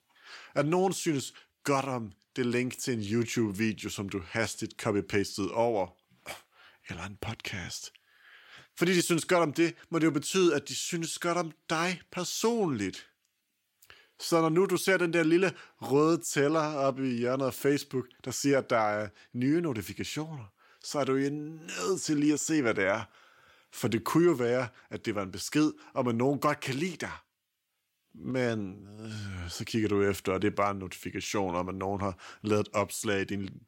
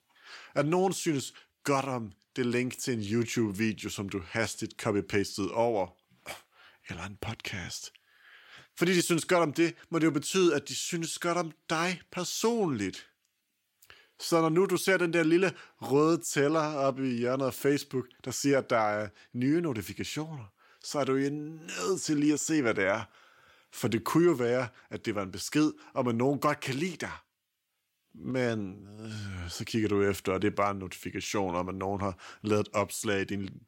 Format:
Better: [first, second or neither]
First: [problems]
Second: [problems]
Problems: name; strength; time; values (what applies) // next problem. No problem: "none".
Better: neither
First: none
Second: none